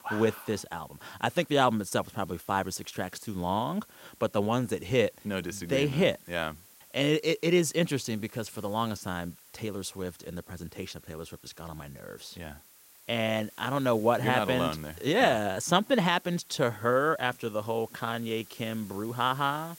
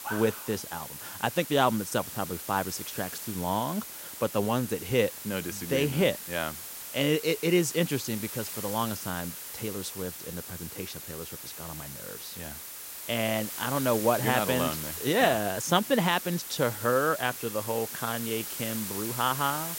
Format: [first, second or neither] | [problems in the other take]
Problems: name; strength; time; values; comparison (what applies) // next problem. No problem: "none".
first | hiss; loud; throughout; 8 dB below the speech; faint in the first